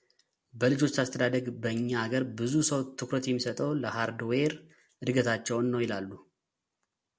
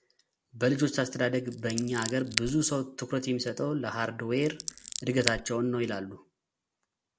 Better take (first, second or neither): first